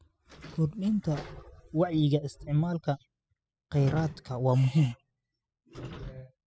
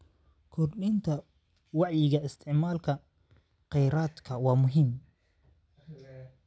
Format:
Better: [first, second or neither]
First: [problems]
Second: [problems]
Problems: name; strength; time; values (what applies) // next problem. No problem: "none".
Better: second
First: noise reduction (classical method spectral subtraction)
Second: none